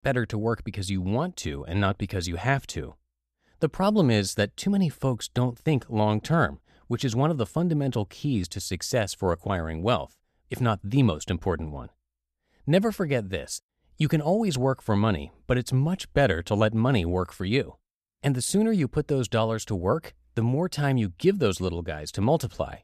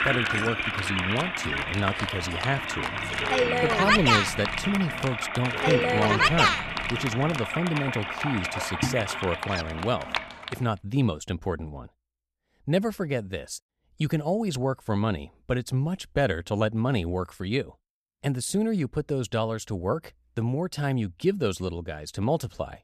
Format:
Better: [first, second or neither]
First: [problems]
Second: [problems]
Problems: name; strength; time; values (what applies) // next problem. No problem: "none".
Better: first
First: none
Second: household noises; very loud; until 10 s; 2 dB above the speech